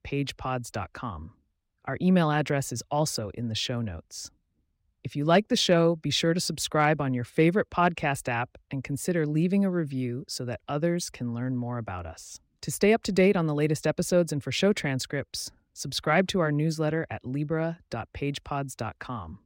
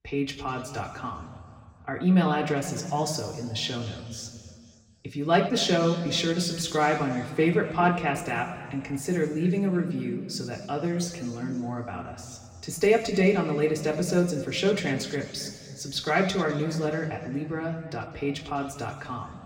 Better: first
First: none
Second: room echo; slight; dies away in 2.1 s // off-mic speech; somewhat distant

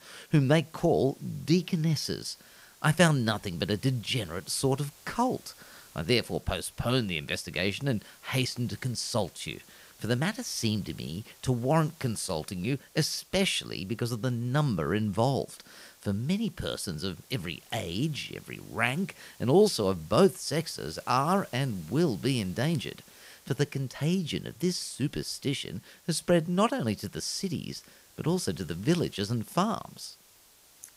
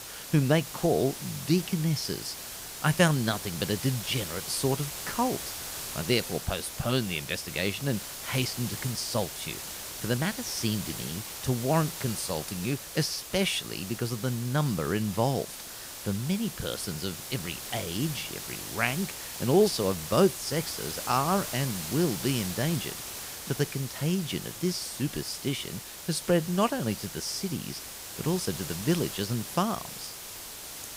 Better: first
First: hiss; faint; throughout; 25 dB below the speech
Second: hiss; loud; throughout; 7 dB below the speech

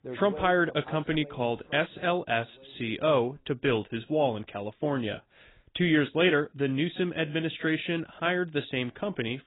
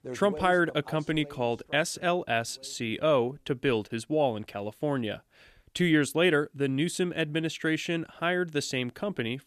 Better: second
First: garbled, watery; badly; nothing above 3.5 kHz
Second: none

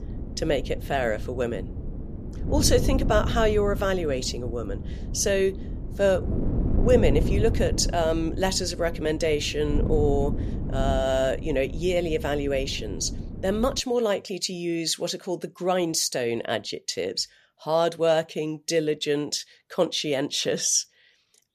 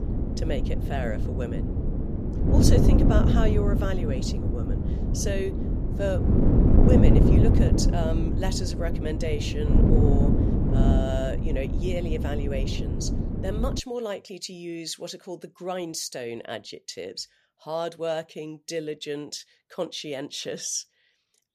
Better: first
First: wind noise on the microphone; occasional gusts; until 14 s; 15 dB below the speech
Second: wind noise on the microphone; heavy; until 14 s; as loud as the speech

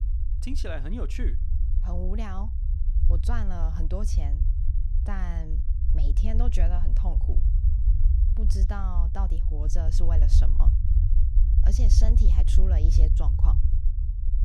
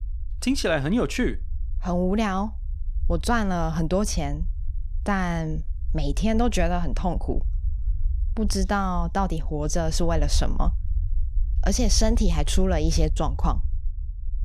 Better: second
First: low rumble; loud; throughout; 5 dB below the speech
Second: low rumble; faint; throughout; 25 dB below the speech

